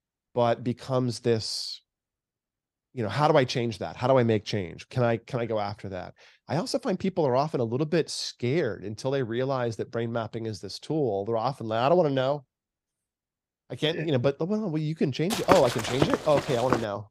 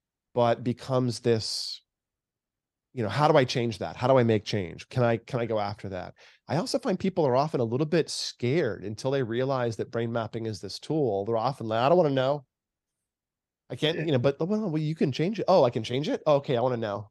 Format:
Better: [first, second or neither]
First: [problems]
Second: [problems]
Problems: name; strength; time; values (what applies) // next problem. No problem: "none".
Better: second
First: footsteps; loud; from 15 s on; peak 1 dB above the speech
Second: none